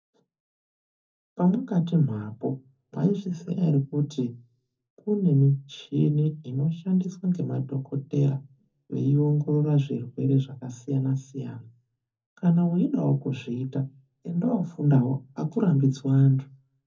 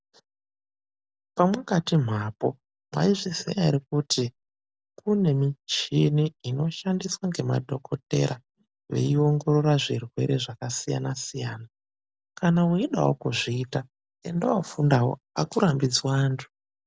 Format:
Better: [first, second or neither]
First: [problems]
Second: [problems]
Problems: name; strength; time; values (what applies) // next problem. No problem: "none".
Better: second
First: room echo; dies away in 0.3 s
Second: none